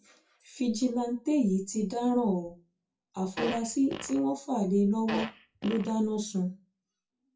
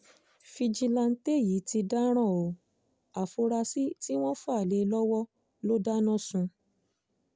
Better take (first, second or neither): second